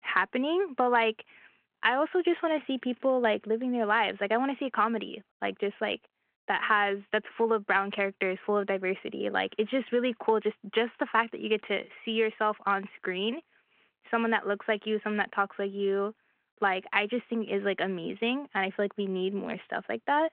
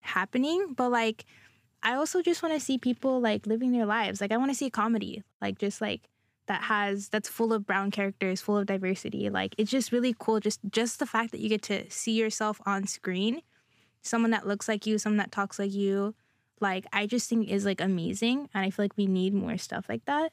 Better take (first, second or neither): second